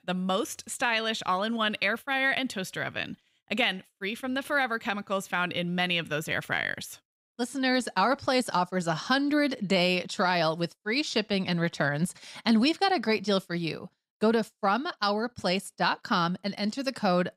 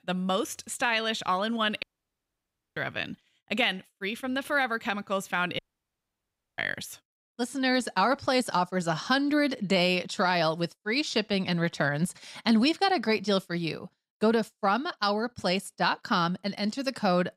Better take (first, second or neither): first